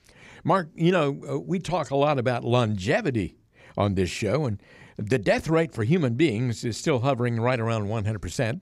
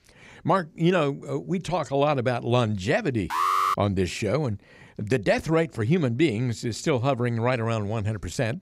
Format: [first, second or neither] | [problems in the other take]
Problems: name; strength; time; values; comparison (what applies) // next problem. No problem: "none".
first | alarm; loud; at 3.5 s; peak 3 dB above the speech